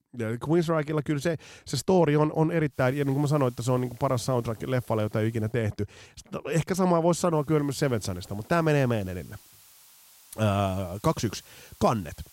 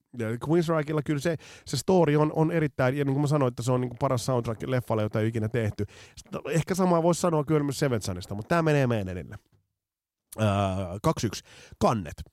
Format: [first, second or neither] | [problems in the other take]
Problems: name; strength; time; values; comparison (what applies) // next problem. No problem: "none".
second | hiss; faint; from 3 to 5.5 s and from 7.5 s on; 25 dB below the speech